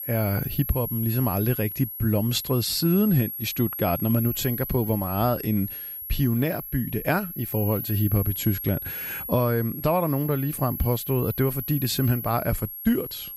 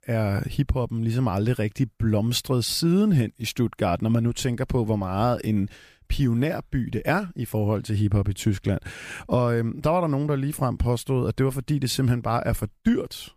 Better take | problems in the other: second | high-pitched whine; loud; throughout; 11.5 kHz, 6 dB below the speech

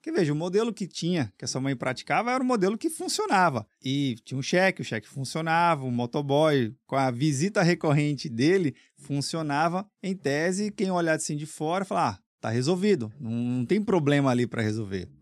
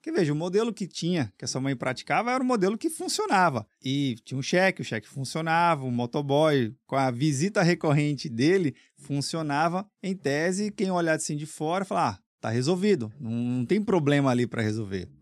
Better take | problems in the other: neither | none

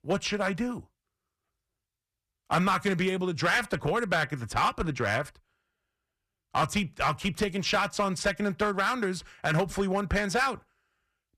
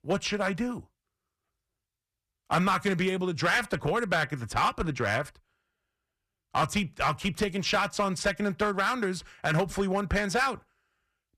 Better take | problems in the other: neither | distortion; slight; 3% of the sound clipped; the same in both

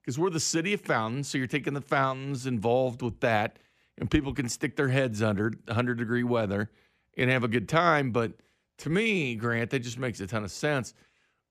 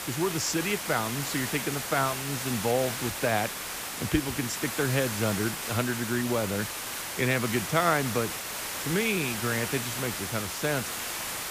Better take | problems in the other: first | hiss; loud; throughout; 3 dB below the speech

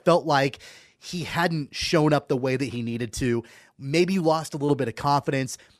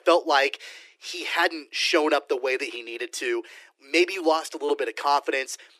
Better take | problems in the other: first | thin; very; fading below 300 Hz

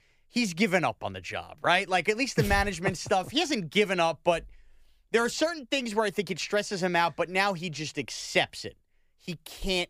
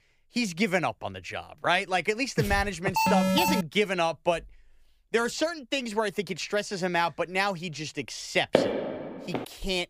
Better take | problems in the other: first | alarm; loud; at 3 s; peak 4 dB above the speech // footsteps; loud; at 8.5 s; peak 3 dB above the speech

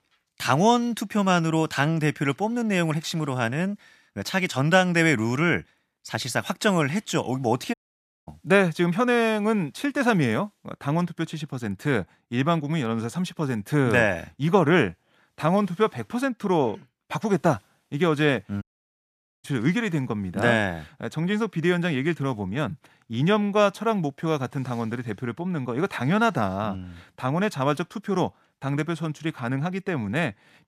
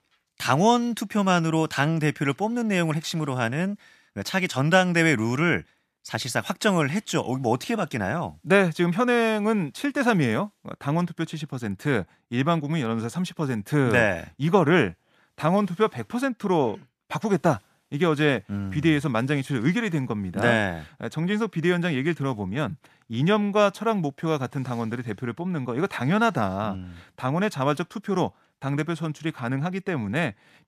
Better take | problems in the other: second | audio cutting out; at 7.5 s for 0.5 s and at 19 s for 1 s

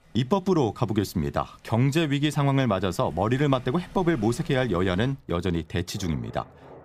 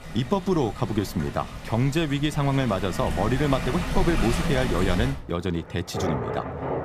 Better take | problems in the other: first | rain or running water; loud; throughout; 6 dB below the speech; faint in the first

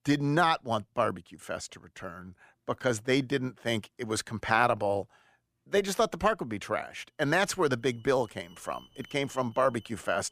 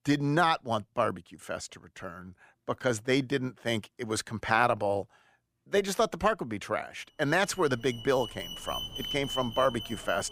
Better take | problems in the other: first | alarms or sirens; loud; from 7.5 s on; 8 dB below the speech; faint in the first

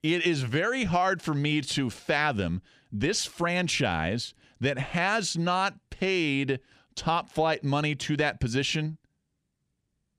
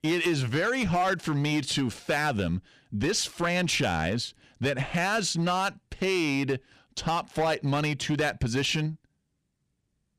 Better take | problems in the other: first | distortion; slight; 7% of the sound clipped

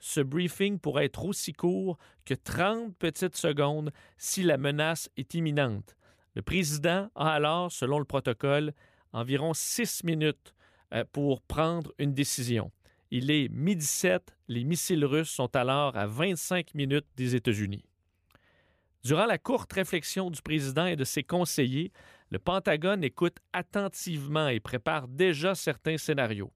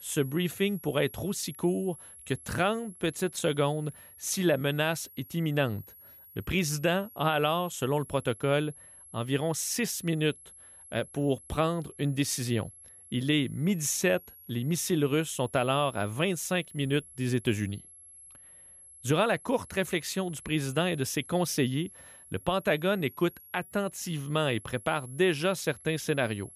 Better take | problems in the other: first | high-pitched whine; noticeable; throughout; 11 kHz, 20 dB below the speech

